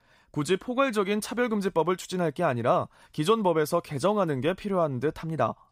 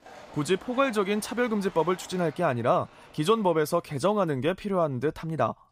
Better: first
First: none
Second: animal sounds; faint; until 3.5 s; 20 dB below the speech

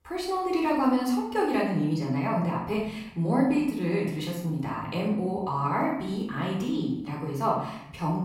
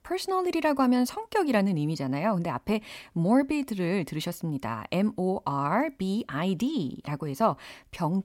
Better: second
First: off-mic speech; far // room echo; noticeable; dies away in 0.7 s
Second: none

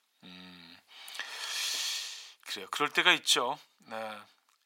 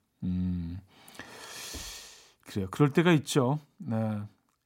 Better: second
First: thin; very; fading below 800 Hz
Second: none

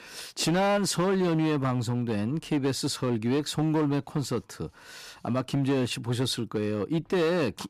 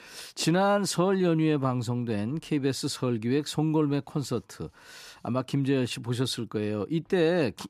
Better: second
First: distortion; slight; 10% of the sound clipped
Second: none

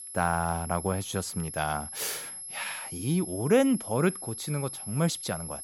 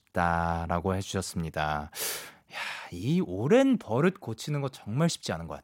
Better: second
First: high-pitched whine; loud; throughout; 11 kHz, 8 dB below the speech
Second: none

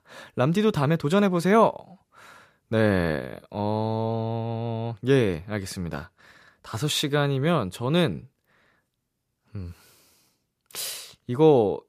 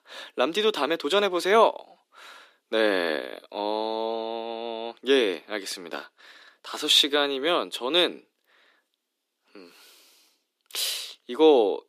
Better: first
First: none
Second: thin; somewhat; fading below 300 Hz

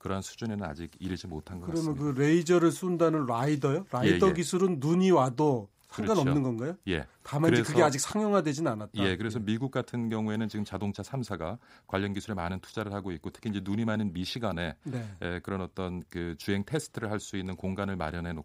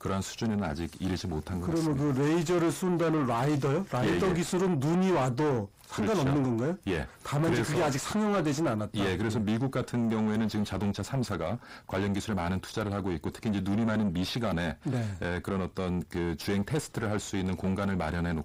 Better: first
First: none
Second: distortion; heavy; 6 dB below the speech

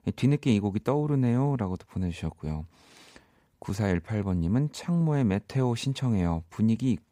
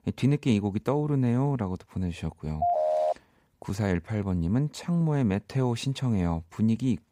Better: first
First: none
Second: phone ringing; loud; at 2.5 s; peak 3 dB above the speech

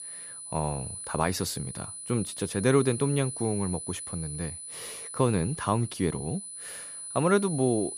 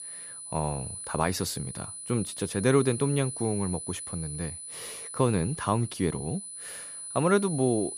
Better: neither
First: high-pitched whine; loud; throughout; 10 kHz, 8 dB below the speech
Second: high-pitched whine; loud; throughout; 10 kHz, 8 dB below the speech

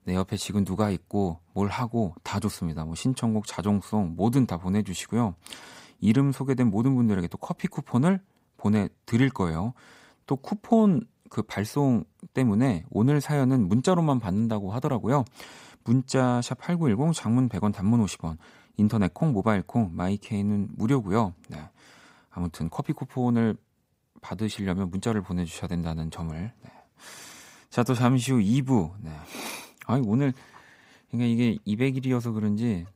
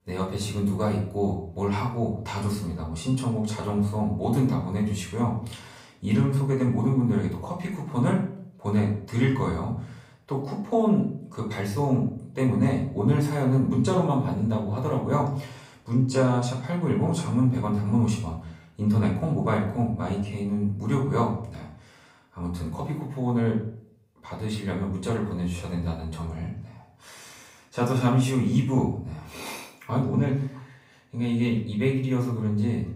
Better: first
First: none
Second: off-mic speech; far // room echo; noticeable; dies away in 0.5 s

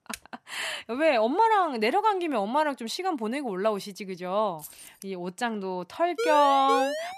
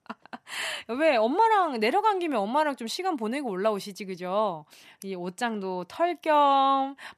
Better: second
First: keyboard typing; very faint; at the start; peak 15 dB below the speech // jangling keys; faint; at 4.5 s; peak 20 dB below the speech // siren; noticeable; from 6 s on; peak 3 dB below the speech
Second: none

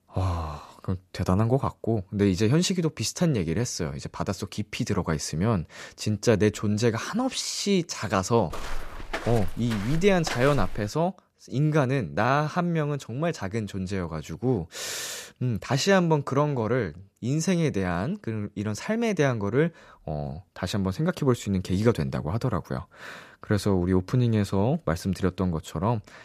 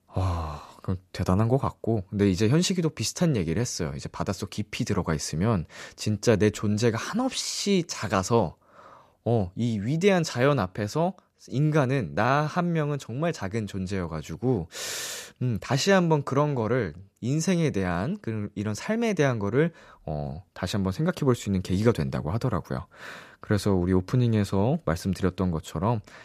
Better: second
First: footsteps; noticeable; from 8.5 to 11 s; peak 7 dB below the speech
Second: none

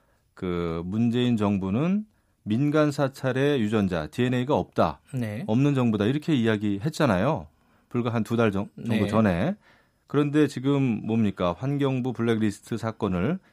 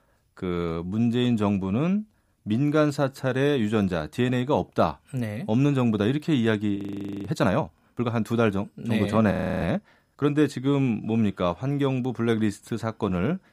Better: first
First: none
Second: audio freezing; at 7 s and at 9.5 s

